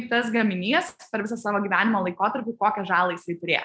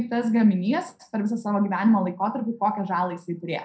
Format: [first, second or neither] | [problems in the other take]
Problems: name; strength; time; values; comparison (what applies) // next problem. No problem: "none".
first | room echo; dies away in 0.2 s